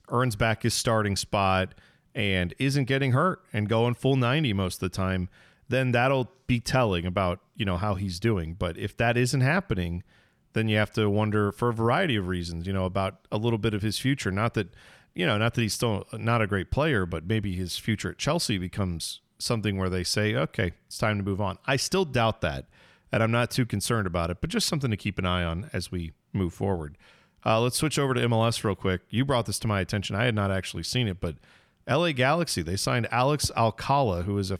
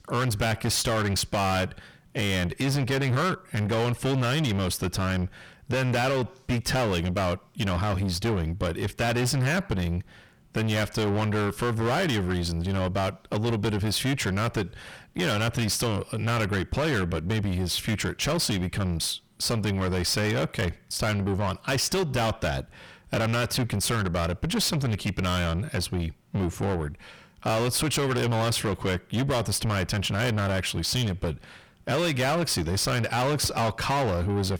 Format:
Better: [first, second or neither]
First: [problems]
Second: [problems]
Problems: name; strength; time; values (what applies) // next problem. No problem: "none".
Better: first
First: none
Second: distortion; heavy; 6 dB below the speech